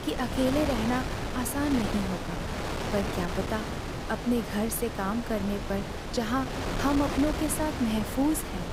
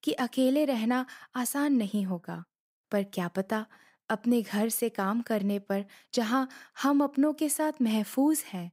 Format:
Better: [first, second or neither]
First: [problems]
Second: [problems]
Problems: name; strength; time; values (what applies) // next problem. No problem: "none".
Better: second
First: wind noise on the microphone; heavy; 2 dB below the speech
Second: none